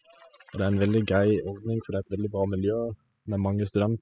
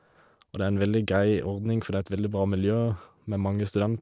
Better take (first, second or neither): second